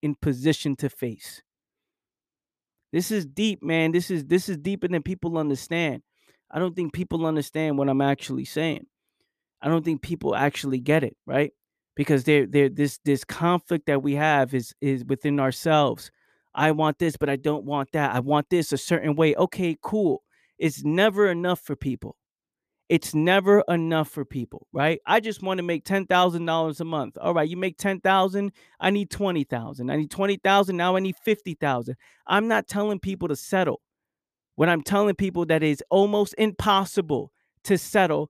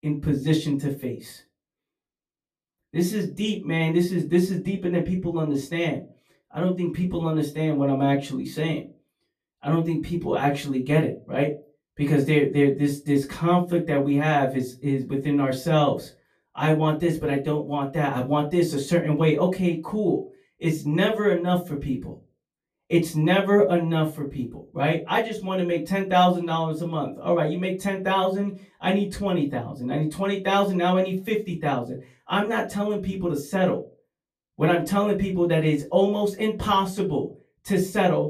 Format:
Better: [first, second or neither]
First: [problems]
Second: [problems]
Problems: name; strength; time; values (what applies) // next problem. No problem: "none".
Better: first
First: none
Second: off-mic speech; far // room echo; very slight; dies away in 0.2 s